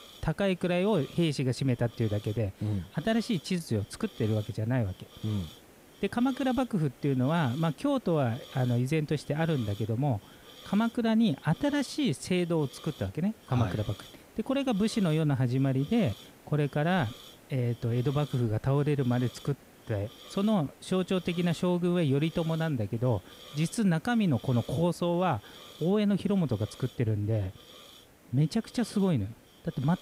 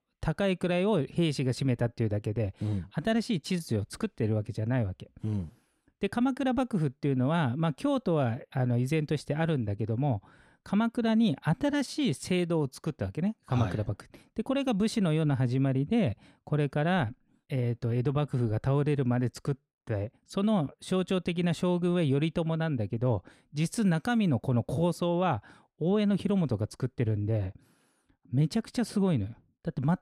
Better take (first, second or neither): second